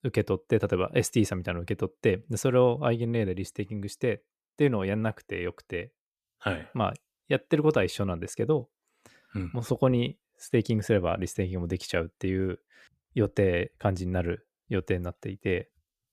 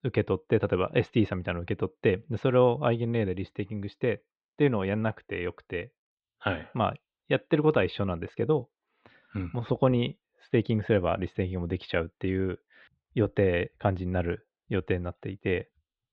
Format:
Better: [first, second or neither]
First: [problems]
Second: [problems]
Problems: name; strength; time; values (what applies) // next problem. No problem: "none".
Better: first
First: none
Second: muffled; very; fading above 3.5 kHz